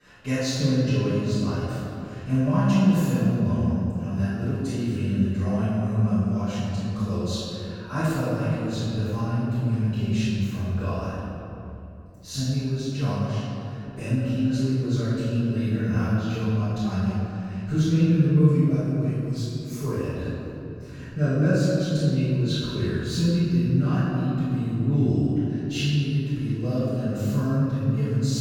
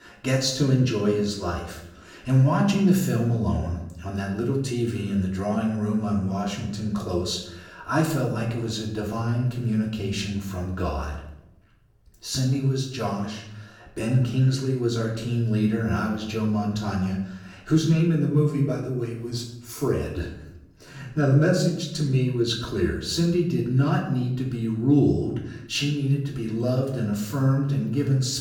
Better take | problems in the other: second | room echo; strong; dies away in 2.9 s; slight in the second // off-mic speech; far; far in the second

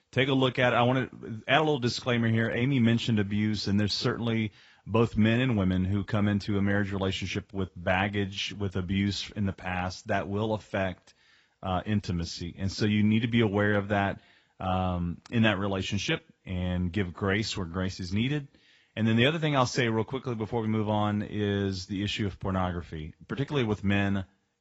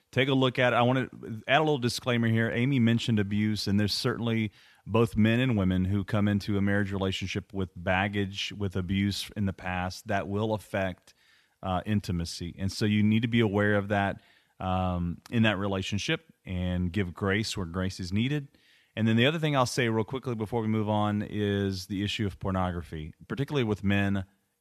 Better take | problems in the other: second | garbled, watery; badly; nothing above 7.5 kHz

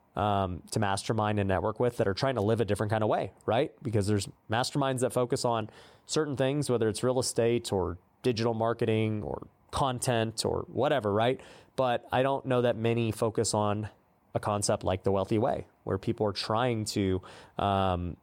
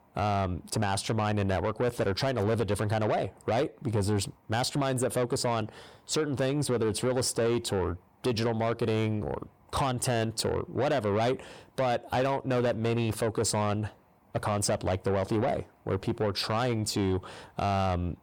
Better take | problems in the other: first | distortion; slight; 10 dB below the speech

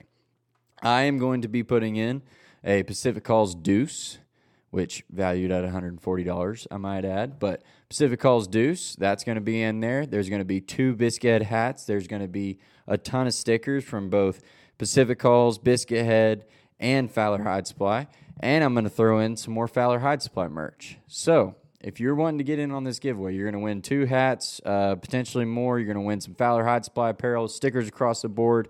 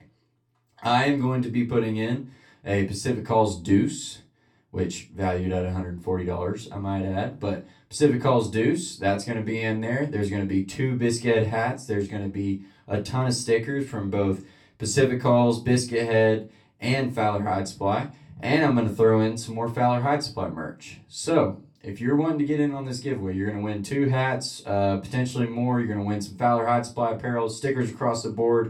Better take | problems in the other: first | off-mic speech; far // room echo; very slight; dies away in 0.2 s

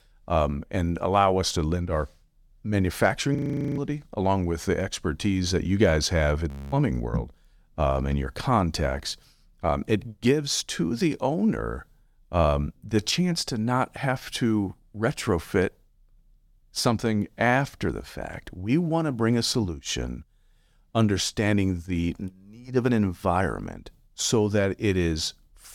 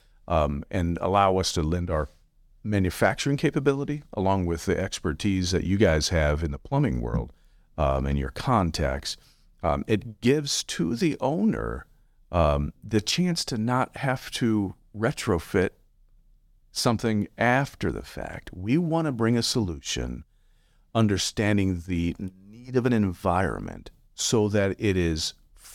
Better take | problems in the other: second | audio freezing; at 3.5 s and at 6.5 s

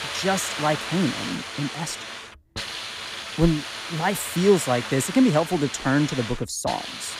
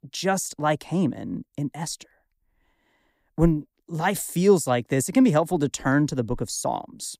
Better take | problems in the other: second | hiss; loud; throughout; 7 dB below the speech

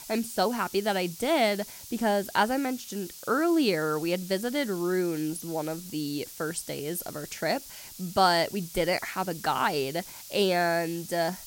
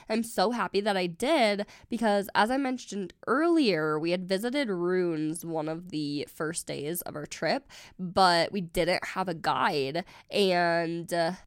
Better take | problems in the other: second | hiss; noticeable; throughout; 15 dB below the speech

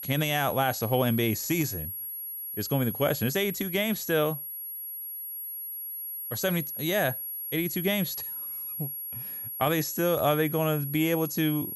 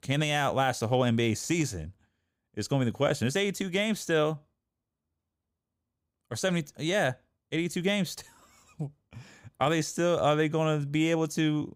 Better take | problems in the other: second | high-pitched whine; loud; throughout; 11.5 kHz, 6 dB below the speech

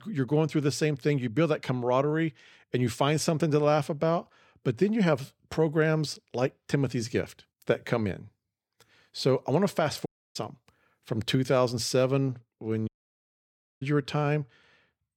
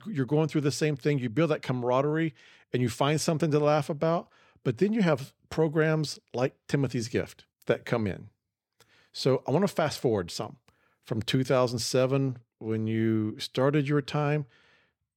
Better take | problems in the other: second | audio cutting out; at 10 s and at 13 s for 1 s

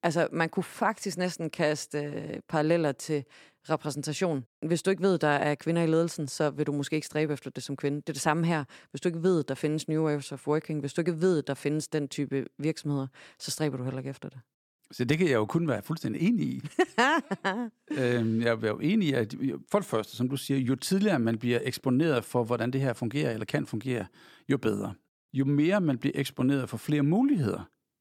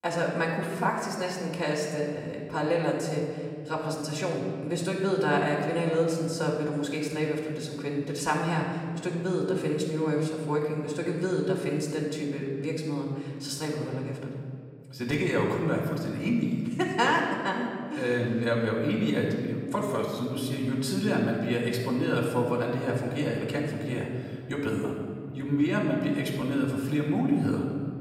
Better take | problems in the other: first | off-mic speech; far // room echo; noticeable; dies away in 1.8 s

